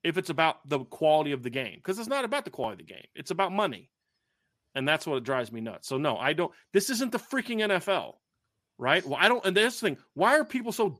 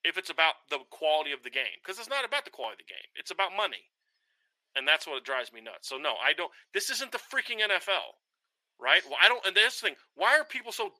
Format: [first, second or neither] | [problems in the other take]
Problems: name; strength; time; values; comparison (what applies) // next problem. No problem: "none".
first | thin; very; fading below 500 Hz